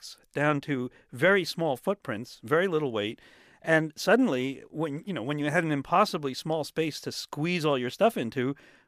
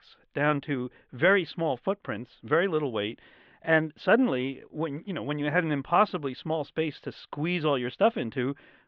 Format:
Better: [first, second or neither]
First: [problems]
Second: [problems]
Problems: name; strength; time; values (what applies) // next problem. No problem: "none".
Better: first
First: none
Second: muffled; slightly; fading above 3.5 kHz